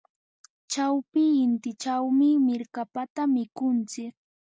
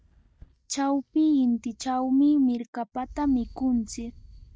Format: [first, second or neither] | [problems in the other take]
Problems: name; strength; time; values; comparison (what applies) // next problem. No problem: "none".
first | noise reduction (neural mask model DeepFilterNet 3)